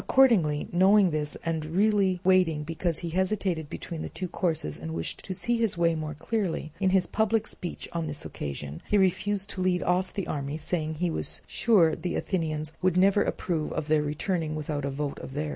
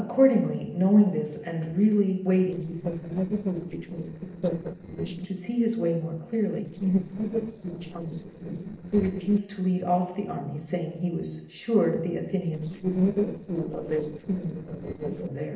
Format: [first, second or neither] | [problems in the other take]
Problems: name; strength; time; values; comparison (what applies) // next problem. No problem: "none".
first | noise reduction (neural separator model SepFormer DNS4)